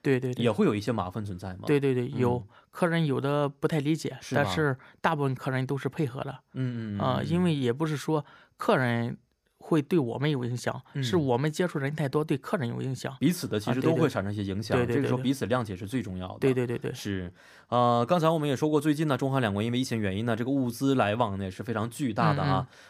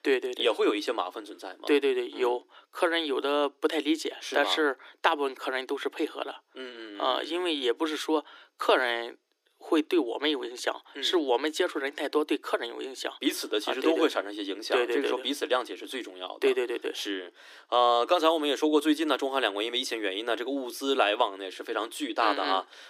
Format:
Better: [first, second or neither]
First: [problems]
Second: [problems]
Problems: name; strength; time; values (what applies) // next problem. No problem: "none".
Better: first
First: none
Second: thin; somewhat; fading below 300 Hz